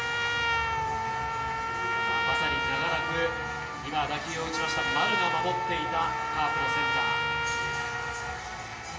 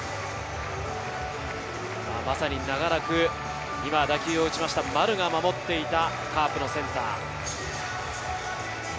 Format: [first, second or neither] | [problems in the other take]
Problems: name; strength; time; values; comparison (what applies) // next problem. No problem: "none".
second | background sound (Trumpet); 3 dB above the speech // room echo; dies away in 0.8 s